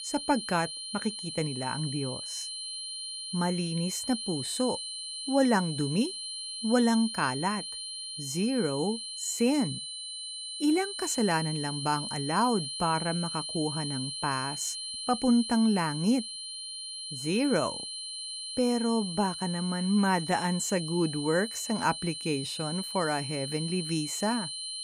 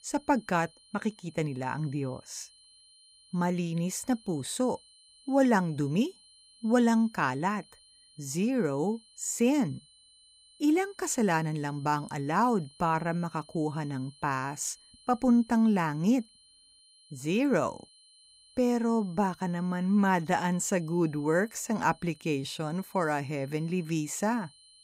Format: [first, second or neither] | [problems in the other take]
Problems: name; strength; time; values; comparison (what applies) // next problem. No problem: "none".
second | high-pitched whine; loud; throughout; 4 kHz, 6 dB below the speech; faint in the second